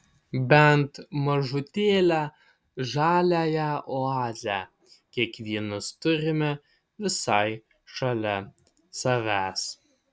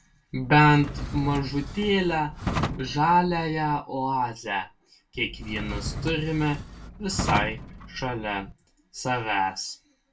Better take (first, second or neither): first